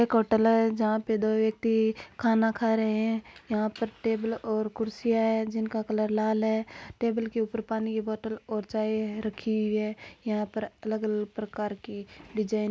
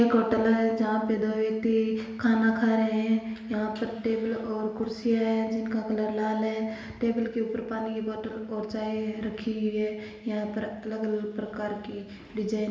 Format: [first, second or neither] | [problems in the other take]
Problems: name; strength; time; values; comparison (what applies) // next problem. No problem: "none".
first | room echo; dies away in 1.3 s